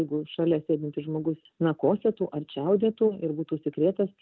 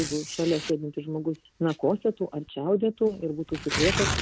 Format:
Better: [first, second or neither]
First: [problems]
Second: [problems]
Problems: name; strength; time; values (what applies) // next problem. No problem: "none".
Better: first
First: none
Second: background sound (Tearing); 7 dB below the speech